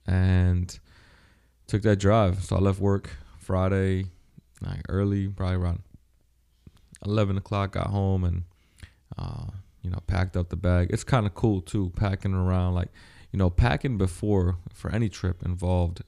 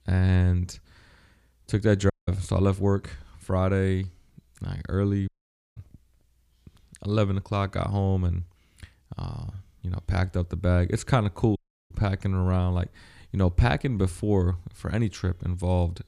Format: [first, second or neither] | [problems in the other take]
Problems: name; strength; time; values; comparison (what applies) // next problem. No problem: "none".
first | audio cutting out; at 2 s, at 5.5 s and at 12 s